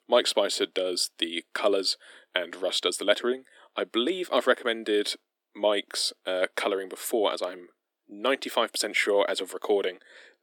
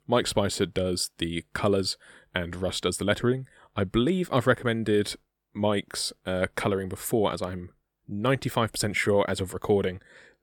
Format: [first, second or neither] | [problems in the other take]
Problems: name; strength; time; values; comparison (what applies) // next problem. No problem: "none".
second | thin; somewhat; fading below 250 Hz